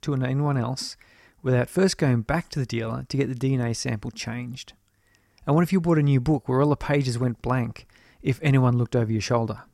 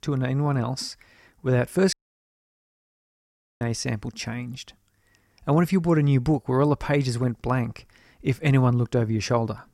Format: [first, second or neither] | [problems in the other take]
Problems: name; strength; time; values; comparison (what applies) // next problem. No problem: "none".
first | audio cutting out; at 2 s for 1.5 s